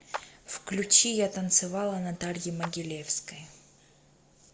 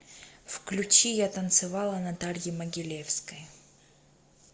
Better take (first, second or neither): second